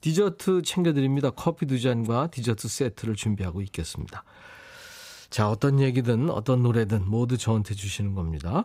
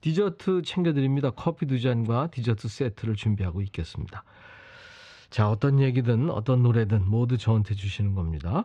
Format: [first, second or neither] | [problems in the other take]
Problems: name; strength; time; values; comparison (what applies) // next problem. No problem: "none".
first | muffled; slightly; fading above 3.5 kHz